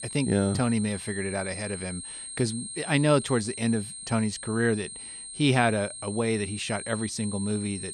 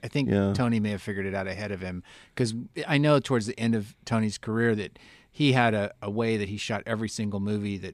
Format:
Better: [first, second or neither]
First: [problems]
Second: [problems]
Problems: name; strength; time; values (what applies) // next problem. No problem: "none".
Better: second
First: high-pitched whine; loud; throughout; 8.5 kHz, 9 dB below the speech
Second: none